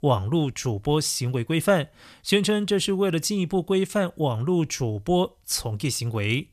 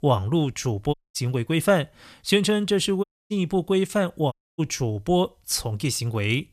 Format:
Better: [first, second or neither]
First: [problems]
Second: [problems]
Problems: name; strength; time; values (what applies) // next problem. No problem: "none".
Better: first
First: none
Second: audio cutting out; at 1 s, at 3 s and at 4.5 s